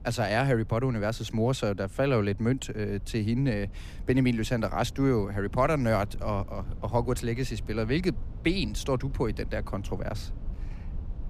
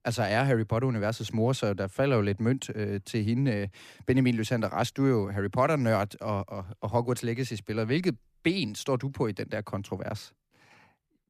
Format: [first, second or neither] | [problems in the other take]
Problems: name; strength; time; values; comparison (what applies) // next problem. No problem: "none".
second | low rumble; faint; throughout; 25 dB below the speech